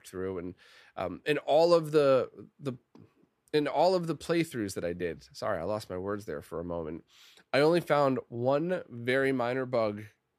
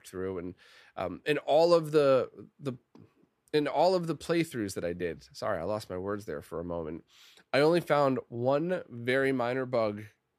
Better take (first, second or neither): neither